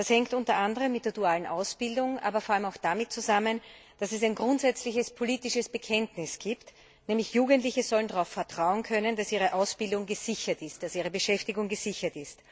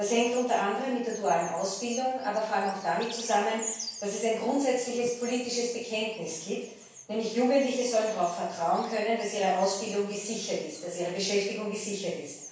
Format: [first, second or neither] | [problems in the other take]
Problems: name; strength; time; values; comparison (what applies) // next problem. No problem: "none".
first | background sound (Bird vocalization, bird call, bird song); 17 dB below the speech // room echo; dies away in 0.7 s